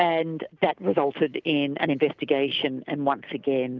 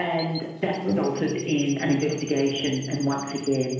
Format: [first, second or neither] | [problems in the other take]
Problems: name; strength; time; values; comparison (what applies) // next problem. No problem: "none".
first | background sound (Chirp, tweet); 17 dB below the speech // room echo; dies away in 1.1 s